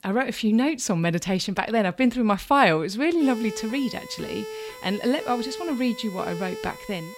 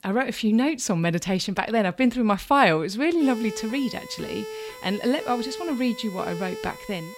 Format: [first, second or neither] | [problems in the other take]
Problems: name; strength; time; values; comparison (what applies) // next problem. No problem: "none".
neither | siren; faint; from 3 s on; peak 10 dB below the speech; the same in both